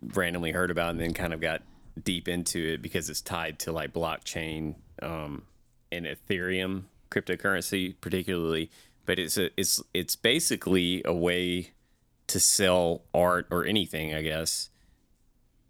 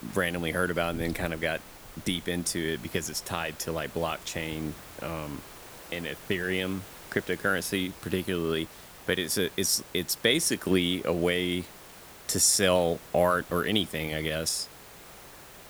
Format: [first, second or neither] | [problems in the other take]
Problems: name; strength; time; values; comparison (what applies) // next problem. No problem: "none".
first | hiss; noticeable; throughout; 20 dB below the speech